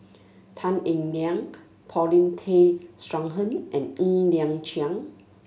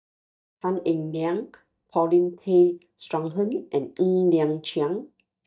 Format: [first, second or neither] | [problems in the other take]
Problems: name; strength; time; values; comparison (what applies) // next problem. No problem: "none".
first | noise reduction (neural mask model DeepFilterNet 3)